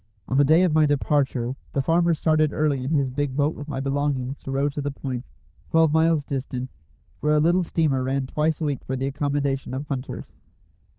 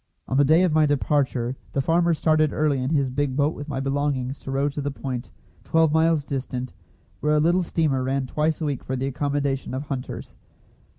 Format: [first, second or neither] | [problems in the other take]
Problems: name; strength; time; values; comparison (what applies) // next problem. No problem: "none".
second | noise reduction (neural diffusion model UNIVERSE++)